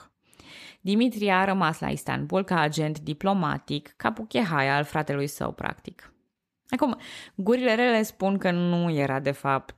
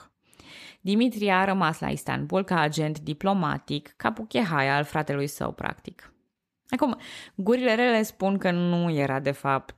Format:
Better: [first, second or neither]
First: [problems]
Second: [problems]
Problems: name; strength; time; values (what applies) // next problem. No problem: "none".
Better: neither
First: none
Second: none